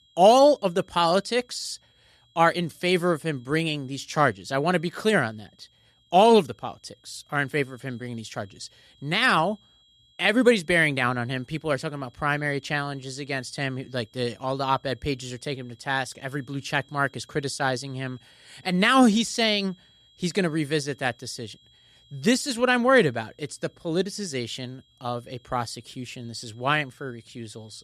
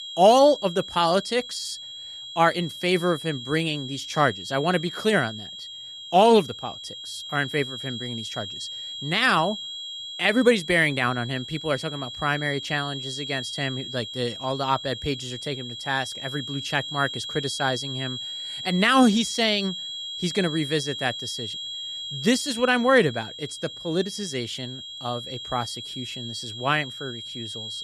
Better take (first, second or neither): first